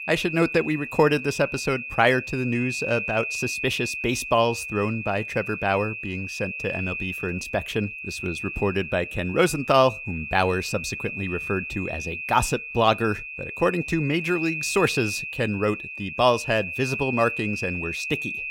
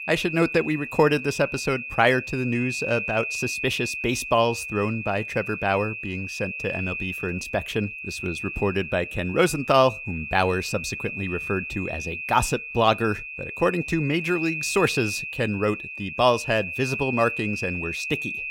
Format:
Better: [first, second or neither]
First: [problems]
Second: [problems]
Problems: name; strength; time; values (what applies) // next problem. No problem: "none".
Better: neither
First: high-pitched whine; loud; throughout; 2.5 kHz, 6 dB below the speech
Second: high-pitched whine; loud; throughout; 2.5 kHz, 6 dB below the speech